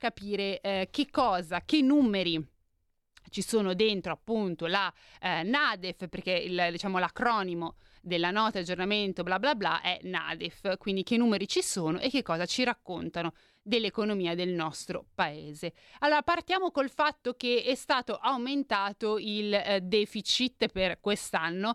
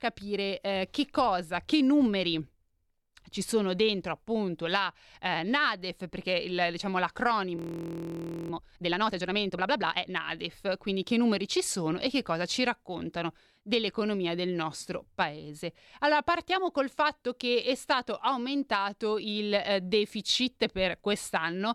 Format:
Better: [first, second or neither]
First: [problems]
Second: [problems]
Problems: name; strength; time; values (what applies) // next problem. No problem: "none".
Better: first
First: none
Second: audio freezing; at 7.5 s for 1 s